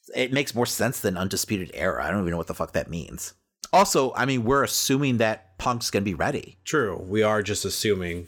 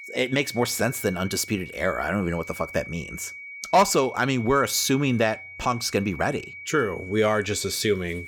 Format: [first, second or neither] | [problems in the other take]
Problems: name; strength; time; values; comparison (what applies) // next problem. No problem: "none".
first | high-pitched whine; noticeable; throughout; 2.5 kHz, 15 dB below the speech